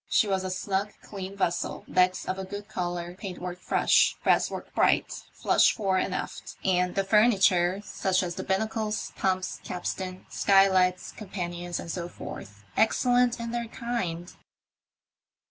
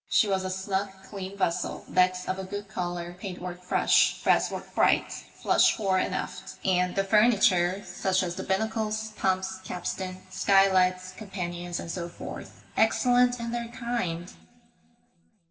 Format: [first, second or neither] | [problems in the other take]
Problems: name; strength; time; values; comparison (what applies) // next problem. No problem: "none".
first | room echo; dies away in 2.4 s